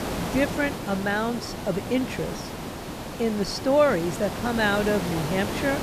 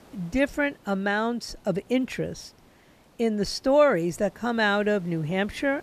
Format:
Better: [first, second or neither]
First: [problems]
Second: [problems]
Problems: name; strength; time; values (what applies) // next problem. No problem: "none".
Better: second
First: hiss; loud; throughout; 6 dB below the speech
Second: hiss; faint; throughout; 30 dB below the speech